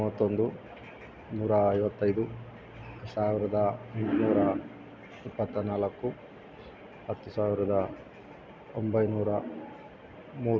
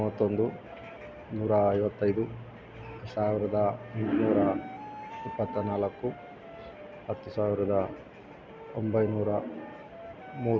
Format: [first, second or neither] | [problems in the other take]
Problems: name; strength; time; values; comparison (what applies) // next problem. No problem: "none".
first | background sound (Wind instrument, woodwind instrument); 17 dB below the speech